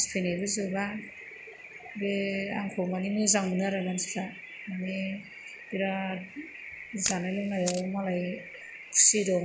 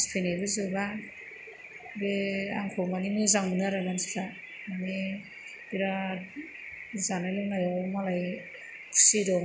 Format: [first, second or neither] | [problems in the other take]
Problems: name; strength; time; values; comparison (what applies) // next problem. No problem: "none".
second | background sound (Camera); 10 dB below the speech